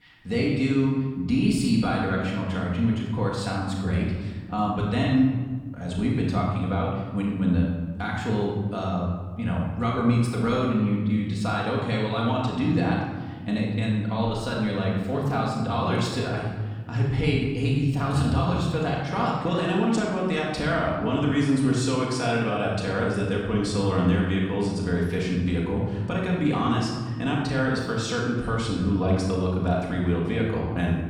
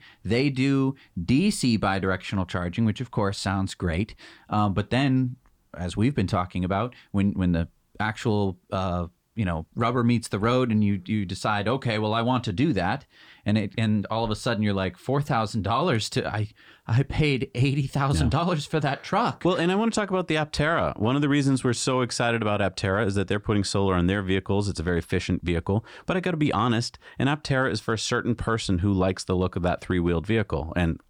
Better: second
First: room echo; noticeable; dies away in 1.3 s // off-mic speech; far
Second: none

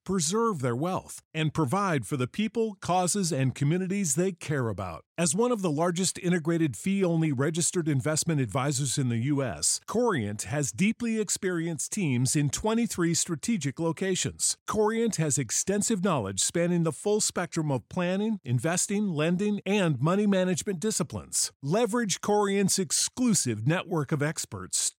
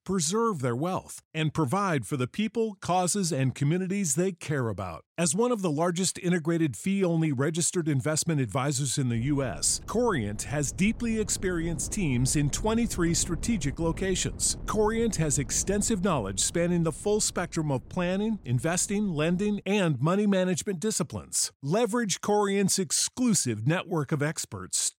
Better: first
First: none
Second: wind noise on the microphone; occasional gusts; from 9 to 20 s; 25 dB below the speech

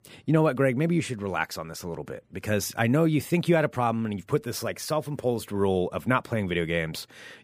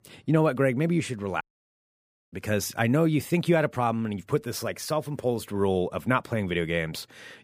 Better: first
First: none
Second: audio cutting out; at 1.5 s for 1 s

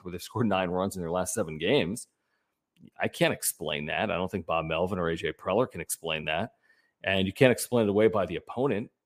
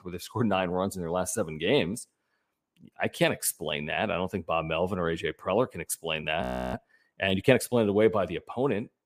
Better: first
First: none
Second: audio freezing; at 6.5 s

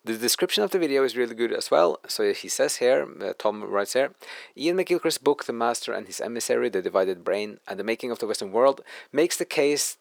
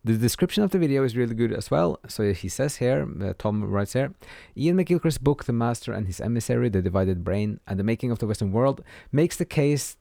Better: second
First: thin; very; fading below 400 Hz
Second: none

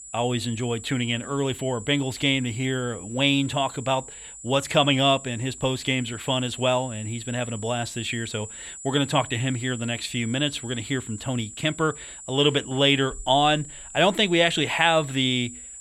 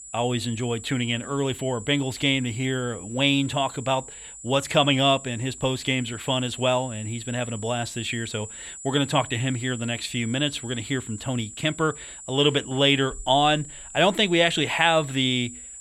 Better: neither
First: high-pitched whine; noticeable; throughout; 7.5 kHz, 15 dB below the speech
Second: high-pitched whine; noticeable; throughout; 7.5 kHz, 15 dB below the speech

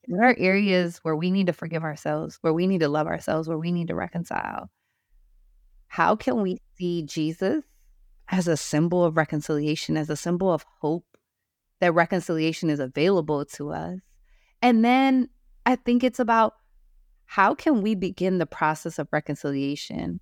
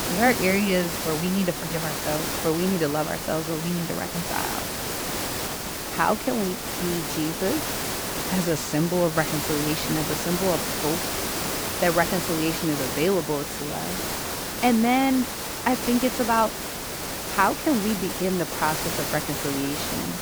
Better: first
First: none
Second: hiss; loud; throughout; 2 dB below the speech

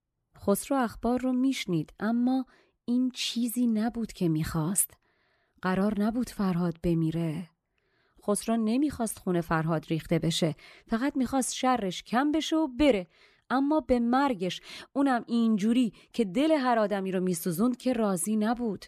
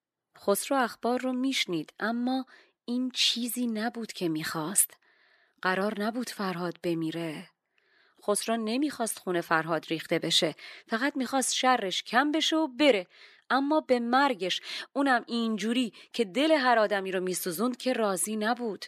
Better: first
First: none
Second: thin; very slightly; fading below 300 Hz

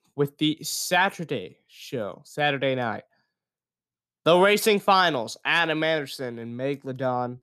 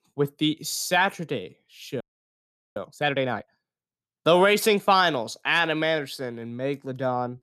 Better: first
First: none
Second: audio freezing; at 2 s for 1 s

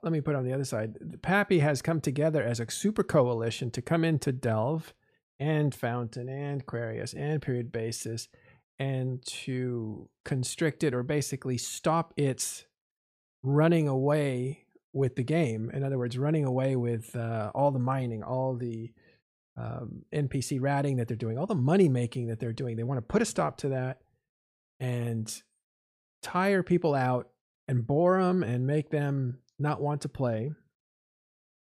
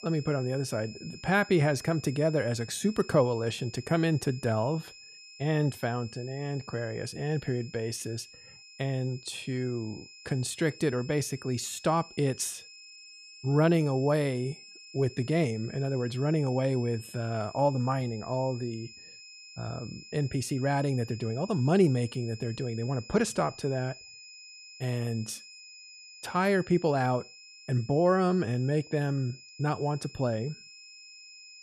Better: first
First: none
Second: high-pitched whine; noticeable; throughout; 5 kHz, 15 dB below the speech

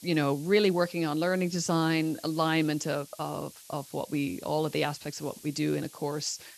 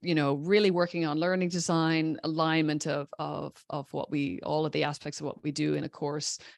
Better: second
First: hiss; noticeable; throughout; 20 dB below the speech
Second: none

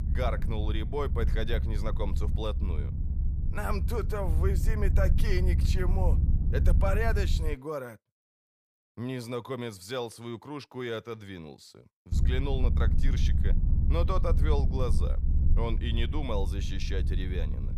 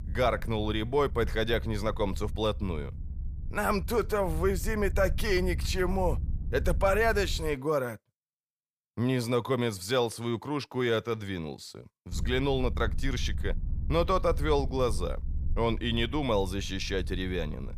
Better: second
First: low rumble; loud; until 7.5 s and from 12 s on; 9 dB below the speech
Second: low rumble; faint; until 7.5 s and from 12 s on; 25 dB below the speech

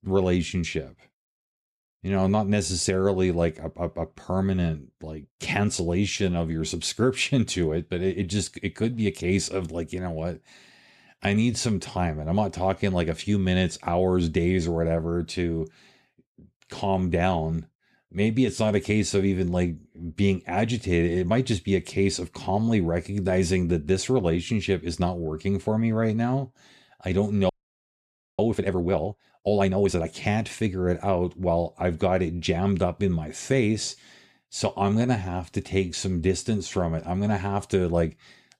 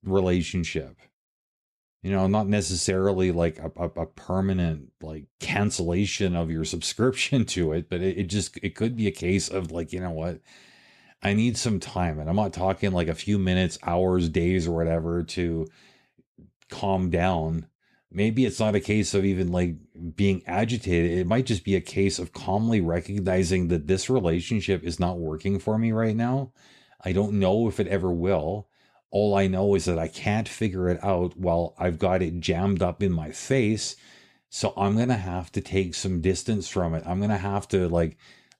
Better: second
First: audio freezing; at 27 s for 1 s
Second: none

